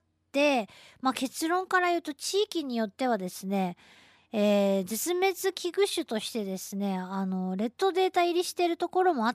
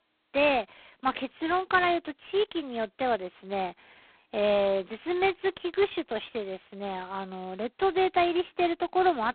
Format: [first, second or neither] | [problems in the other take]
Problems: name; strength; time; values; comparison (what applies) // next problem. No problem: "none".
first | phone-call audio; poor line; nothing above 4 kHz